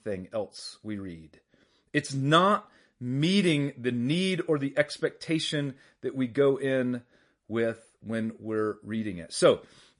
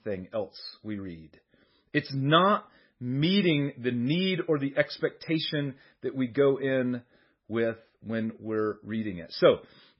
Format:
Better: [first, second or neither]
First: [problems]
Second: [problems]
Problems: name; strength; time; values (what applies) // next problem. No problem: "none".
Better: first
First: garbled, watery; slightly; nothing above 10.5 kHz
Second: garbled, watery; badly; nothing above 5.5 kHz